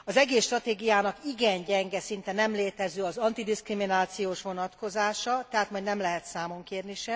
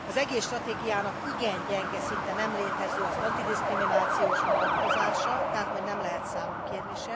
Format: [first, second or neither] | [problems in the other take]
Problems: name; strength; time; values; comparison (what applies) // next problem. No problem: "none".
first | background sound (Truck); 4 dB above the speech